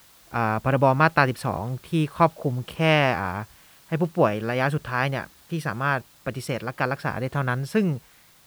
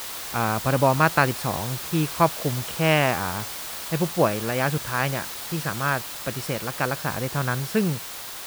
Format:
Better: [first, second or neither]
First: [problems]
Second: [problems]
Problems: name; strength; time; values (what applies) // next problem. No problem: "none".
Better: first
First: hiss; faint; throughout; 25 dB below the speech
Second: hiss; loud; throughout; 7 dB below the speech